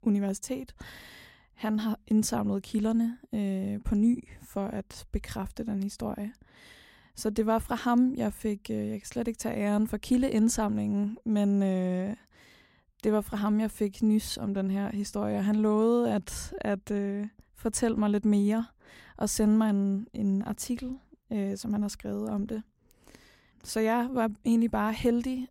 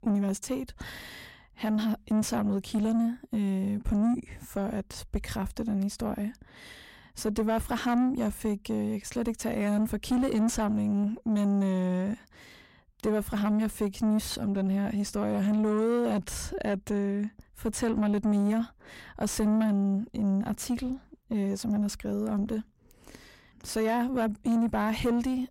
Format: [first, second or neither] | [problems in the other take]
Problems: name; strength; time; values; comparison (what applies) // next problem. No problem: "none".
first | distortion; slight; 10 dB below the speech